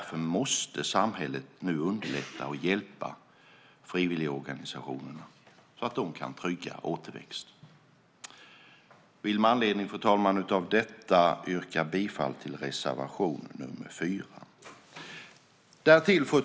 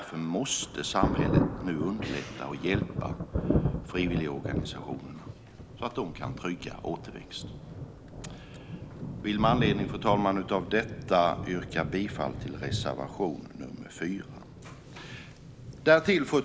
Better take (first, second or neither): first